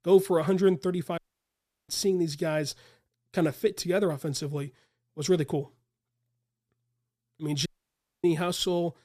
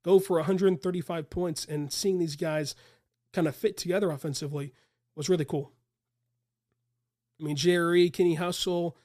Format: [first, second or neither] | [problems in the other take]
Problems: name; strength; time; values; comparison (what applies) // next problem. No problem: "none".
second | audio cutting out; at 1 s for 0.5 s and at 7.5 s for 0.5 s